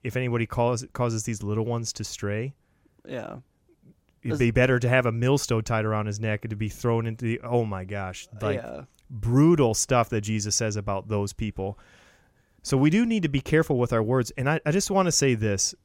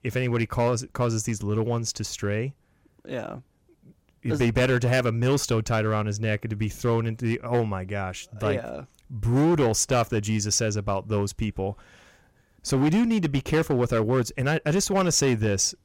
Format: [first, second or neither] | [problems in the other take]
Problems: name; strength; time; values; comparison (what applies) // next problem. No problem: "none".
first | distortion; slight; 6% of the sound clipped